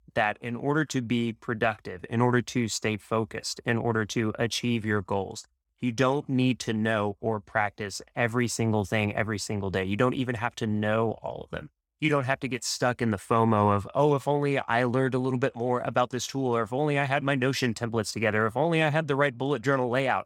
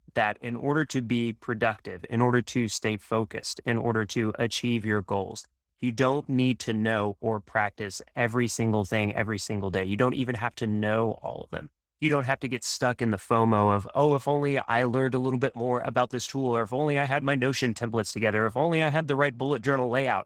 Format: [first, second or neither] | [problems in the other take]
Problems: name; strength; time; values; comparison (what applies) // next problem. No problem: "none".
first | garbled, watery; slightly; nothing above 15.5 kHz